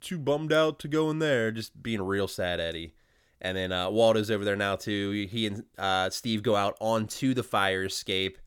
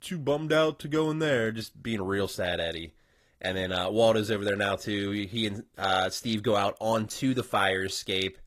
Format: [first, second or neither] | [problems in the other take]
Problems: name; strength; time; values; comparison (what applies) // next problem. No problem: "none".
first | garbled, watery; slightly; nothing above 14.5 kHz